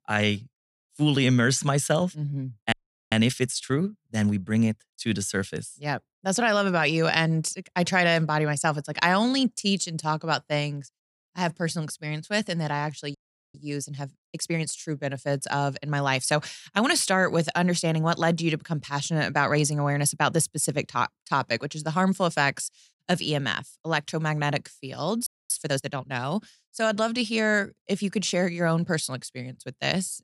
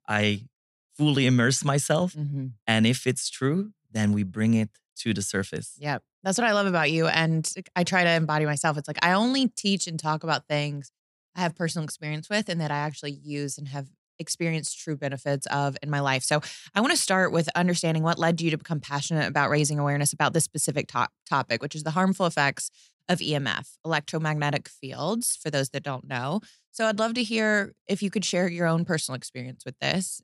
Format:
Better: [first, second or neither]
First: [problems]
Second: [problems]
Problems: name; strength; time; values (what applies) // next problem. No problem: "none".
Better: second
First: audio freezing; at 2.5 s, at 13 s and at 25 s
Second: none